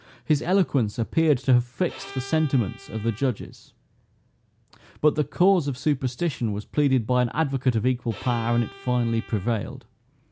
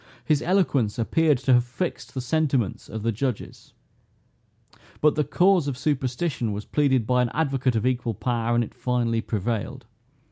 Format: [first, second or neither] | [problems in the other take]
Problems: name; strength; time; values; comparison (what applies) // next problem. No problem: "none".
second | background sound (Bowed string instrument); 19 dB below the speech